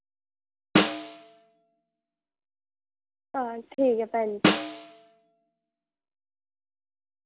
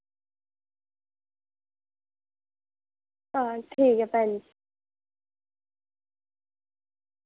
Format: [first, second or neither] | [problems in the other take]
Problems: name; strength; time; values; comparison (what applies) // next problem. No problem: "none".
second | background sound (Snare drum); 4 dB above the speech